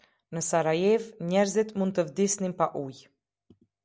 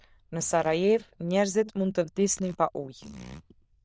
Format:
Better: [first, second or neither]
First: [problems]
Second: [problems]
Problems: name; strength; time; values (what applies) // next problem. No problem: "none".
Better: first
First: none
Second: noise reduction (neural diffusion model UNIVERSE++)